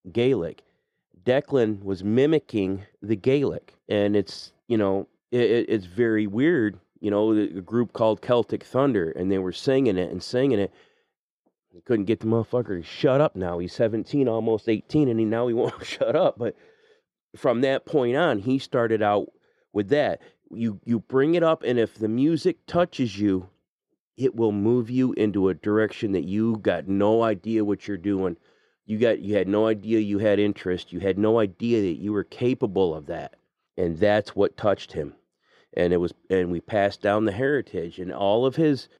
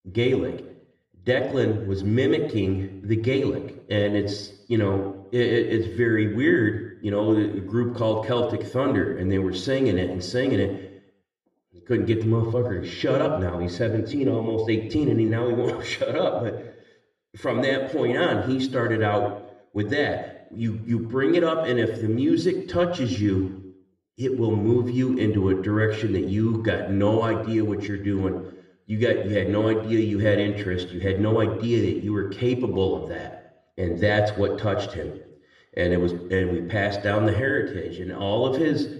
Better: first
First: none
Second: room echo; slight; dies away in 0.7 s // off-mic speech; far

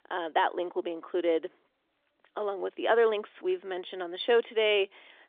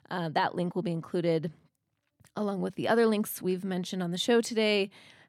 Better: second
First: phone-call audio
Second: none

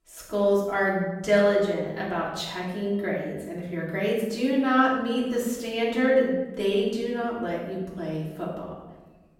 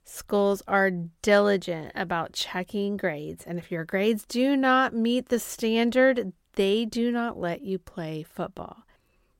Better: second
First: off-mic speech; far // room echo; noticeable; dies away in 1 s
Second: none

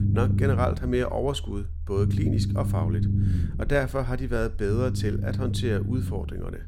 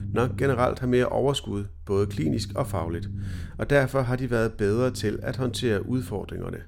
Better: second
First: low rumble; loud; throughout; 9 dB below the speech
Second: low rumble; faint; throughout; 20 dB below the speech

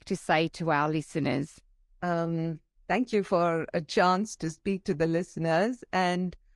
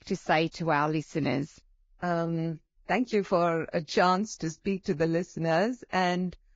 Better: first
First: garbled, watery; slightly; nothing above 10.5 kHz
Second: garbled, watery; badly

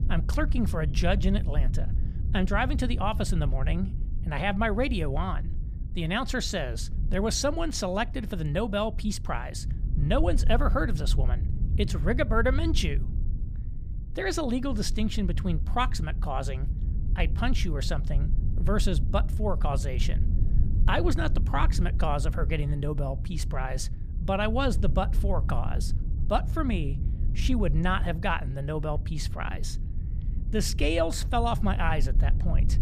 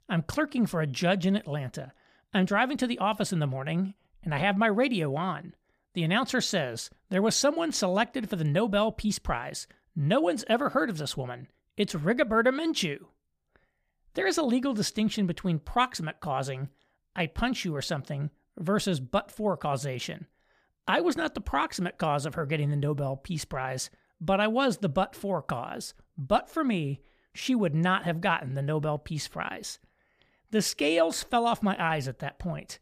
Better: second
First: low rumble; noticeable; throughout; 15 dB below the speech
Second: none

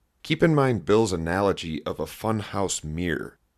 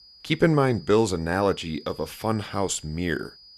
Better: first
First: none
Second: high-pitched whine; faint; throughout; 5 kHz, 20 dB below the speech

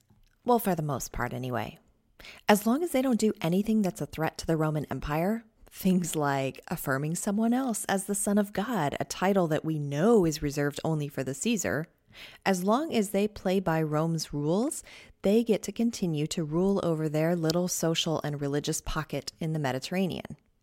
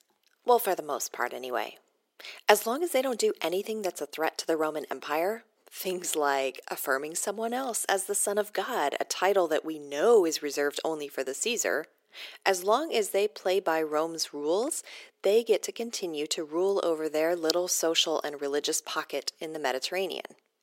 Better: first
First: none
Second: thin; very; fading below 400 Hz

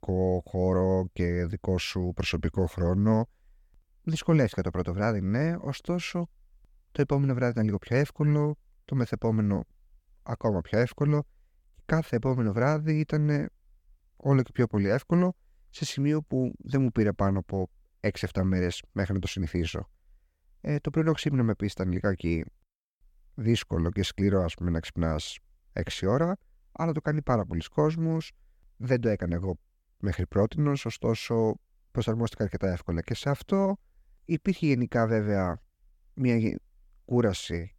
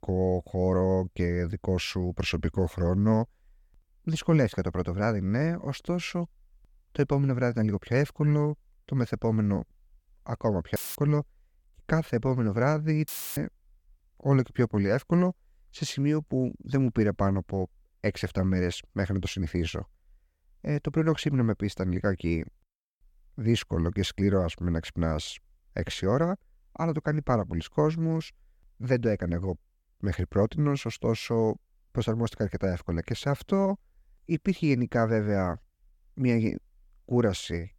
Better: first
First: none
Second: audio cutting out; filled with static; at 11 s and at 13 s

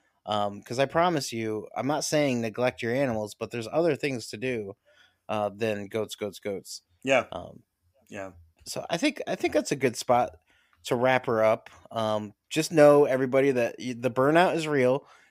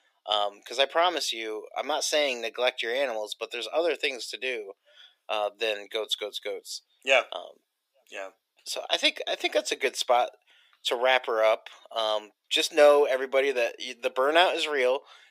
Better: first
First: none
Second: thin; very; fading below 400 Hz

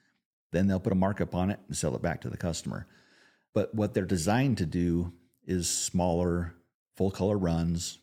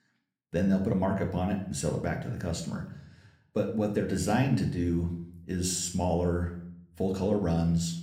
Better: first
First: none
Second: room echo; slight; dies away in 0.5 s

